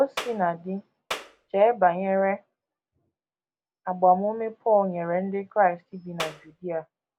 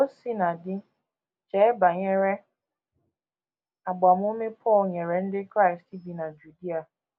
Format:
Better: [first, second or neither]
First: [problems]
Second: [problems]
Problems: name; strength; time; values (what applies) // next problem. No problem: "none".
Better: second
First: background sound (Clapping); 10 dB below the speech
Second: none